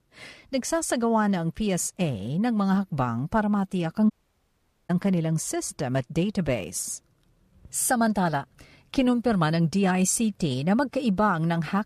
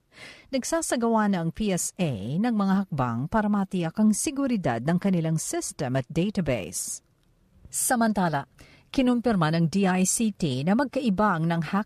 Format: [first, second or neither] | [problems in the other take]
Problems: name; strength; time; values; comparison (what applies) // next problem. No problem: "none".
second | audio cutting out; at 4 s for 1 s